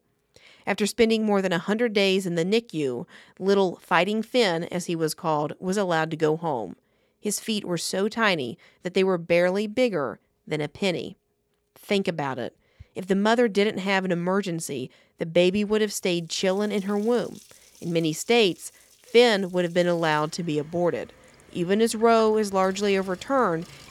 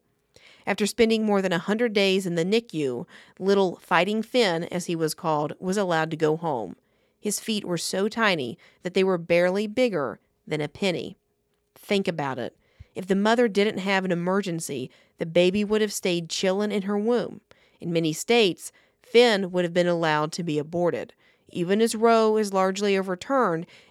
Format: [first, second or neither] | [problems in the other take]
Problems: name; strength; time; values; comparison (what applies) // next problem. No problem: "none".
second | household noises; faint; from 16 s on; 25 dB below the speech